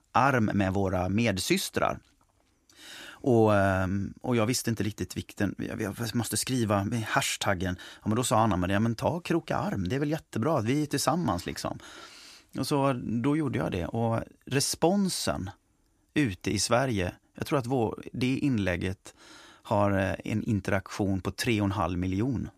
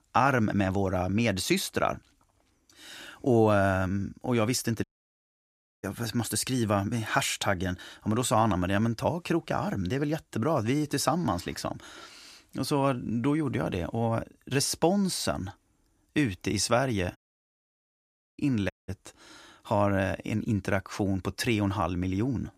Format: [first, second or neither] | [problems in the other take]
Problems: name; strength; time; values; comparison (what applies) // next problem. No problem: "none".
first | audio cutting out; at 5 s for 1 s, at 17 s for 1 s and at 19 s